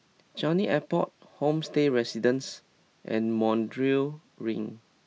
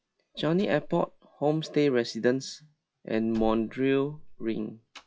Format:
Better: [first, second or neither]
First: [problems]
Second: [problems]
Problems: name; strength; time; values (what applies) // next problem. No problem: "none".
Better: first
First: none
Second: noise reduction (classical method log-MMSE)